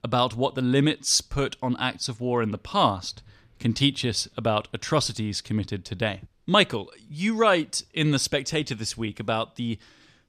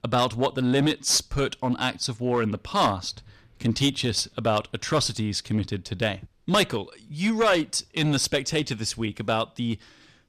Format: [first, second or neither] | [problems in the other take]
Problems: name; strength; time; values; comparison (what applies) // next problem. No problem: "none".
first | distortion; slight; 4% of the sound clipped